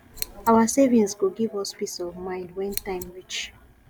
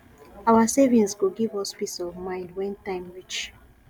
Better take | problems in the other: second | background sound (Scissors); 11 dB below the speech

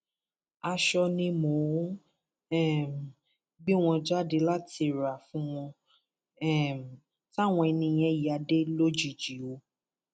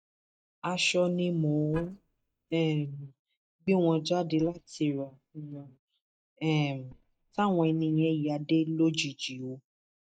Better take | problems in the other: first | noise reduction (neural mask model DeepFilterNet 3)

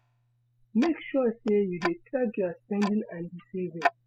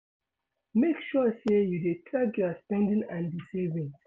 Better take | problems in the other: second | noise reduction (classical method spectral subtraction)

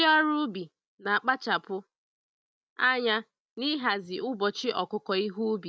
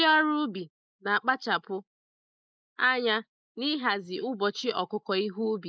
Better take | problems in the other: first | noise reduction (neural mask model Resemble Enhance denoiser)

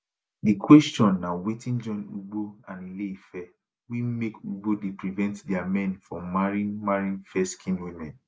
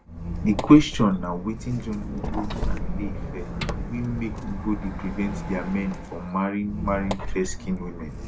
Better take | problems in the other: first | background sound (Squeak); 5 dB below the speech

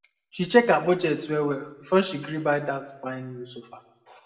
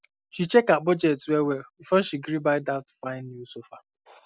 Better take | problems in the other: second | room echo; dies away in 0.8 s

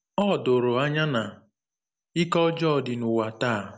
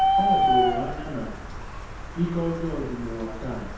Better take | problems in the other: first | background sound (Bird); 4 dB above the speech // room echo; dies away in 0.8 s

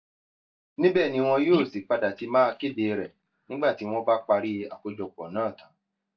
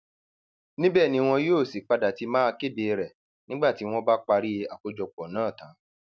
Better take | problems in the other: second | noise reduction (neural mask model DeepFilterNet 3)

